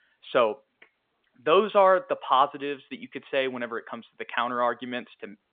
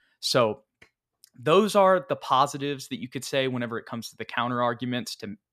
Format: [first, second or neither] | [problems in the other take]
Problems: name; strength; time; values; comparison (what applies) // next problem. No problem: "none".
second | phone-call audio; nothing above 3.5 kHz